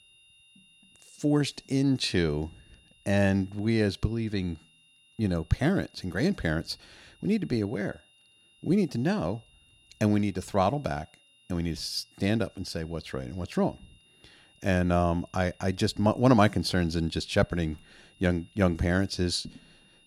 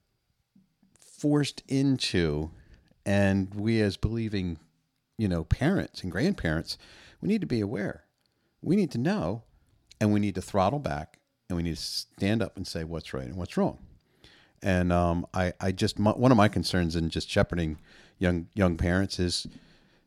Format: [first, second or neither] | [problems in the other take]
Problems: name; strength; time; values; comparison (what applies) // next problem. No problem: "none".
second | high-pitched whine; faint; throughout; 3 kHz, 30 dB below the speech